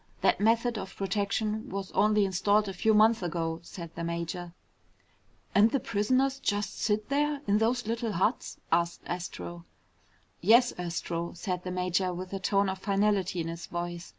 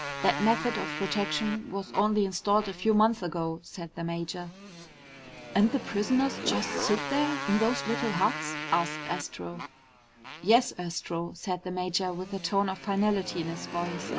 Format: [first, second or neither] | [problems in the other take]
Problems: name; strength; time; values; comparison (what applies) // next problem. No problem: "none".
first | background sound (Motorcycle); 9 dB below the speech